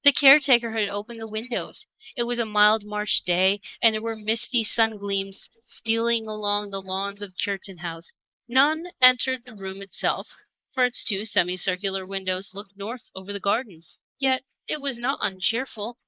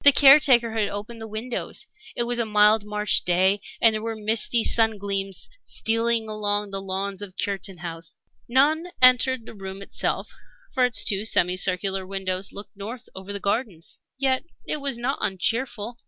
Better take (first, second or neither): second